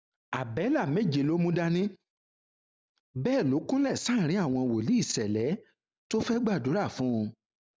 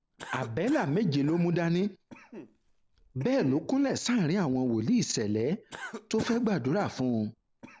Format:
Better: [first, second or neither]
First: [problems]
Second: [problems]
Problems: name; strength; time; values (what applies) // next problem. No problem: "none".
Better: first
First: none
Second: background sound (Cough); 18 dB below the speech